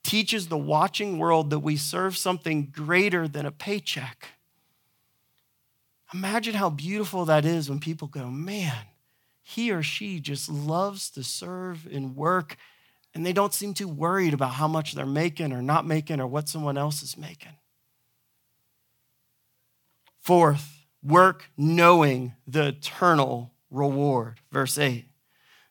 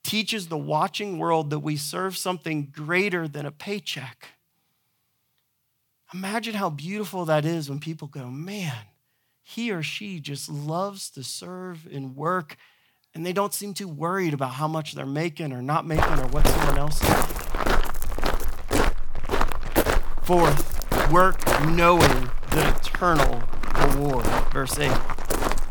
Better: first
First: none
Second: footsteps; loud; from 16 s on; peak 5 dB above the speech

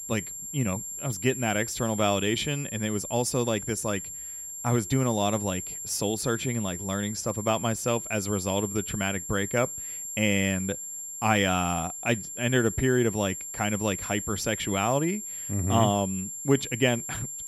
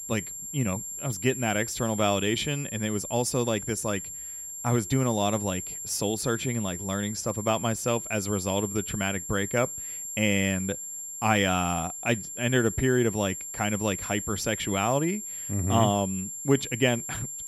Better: neither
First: high-pitched whine; loud; throughout; 7.5 kHz, 6 dB below the speech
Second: high-pitched whine; loud; throughout; 7.5 kHz, 6 dB below the speech

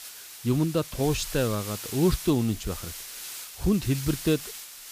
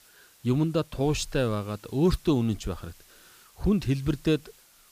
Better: second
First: hiss; loud; throughout; 10 dB below the speech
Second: hiss; faint; throughout; 25 dB below the speech

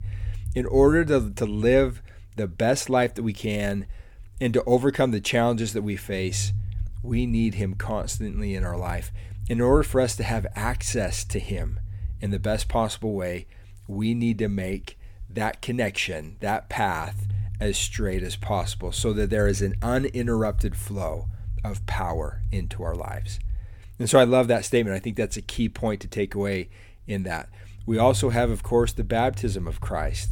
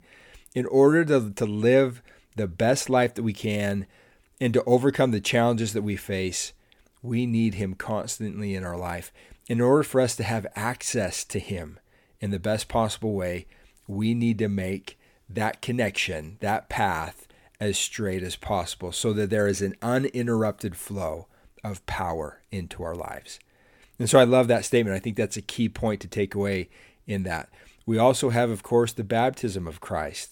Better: second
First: low rumble; faint; throughout; 25 dB below the speech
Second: none

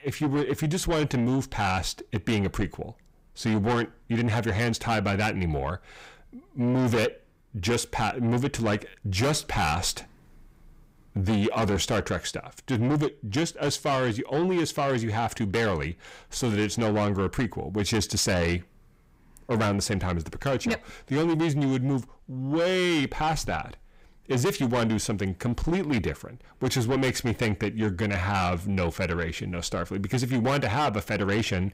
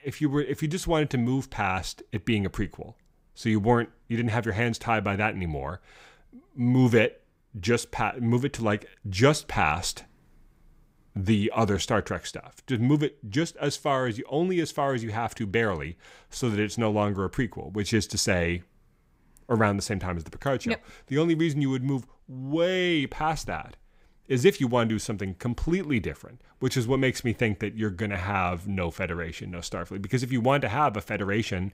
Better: second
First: distortion; heavy; 7 dB below the speech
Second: none

